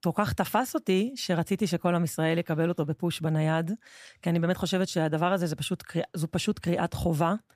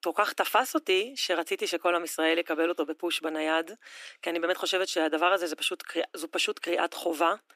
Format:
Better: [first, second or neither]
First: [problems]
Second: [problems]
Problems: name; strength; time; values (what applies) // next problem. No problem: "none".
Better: first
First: none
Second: thin; very; fading below 300 Hz